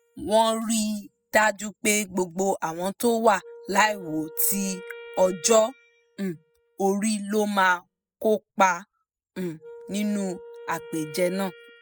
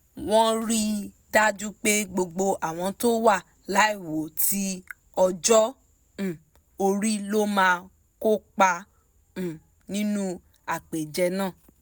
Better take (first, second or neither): second